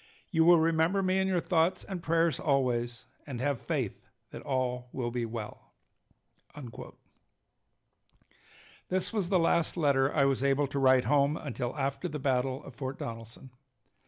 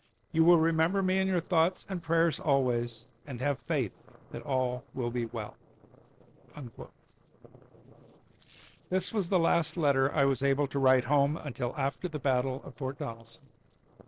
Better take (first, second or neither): first